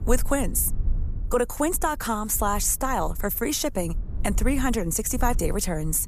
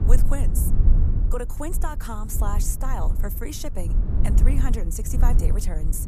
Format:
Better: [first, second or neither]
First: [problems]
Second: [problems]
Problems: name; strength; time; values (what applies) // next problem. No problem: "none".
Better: first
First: low rumble; faint; throughout; 25 dB below the speech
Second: low rumble; loud; throughout; 7 dB below the speech